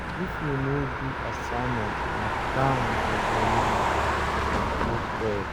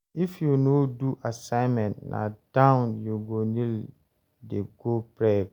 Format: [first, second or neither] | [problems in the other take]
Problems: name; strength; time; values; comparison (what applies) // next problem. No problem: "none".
second | background sound (Motor vehicle (road)); 5 dB above the speech